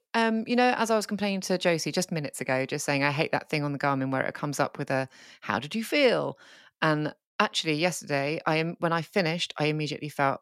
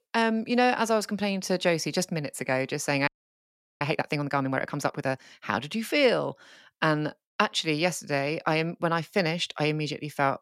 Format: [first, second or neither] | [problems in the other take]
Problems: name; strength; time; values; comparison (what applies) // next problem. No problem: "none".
first | audio freezing; at 3 s for 0.5 s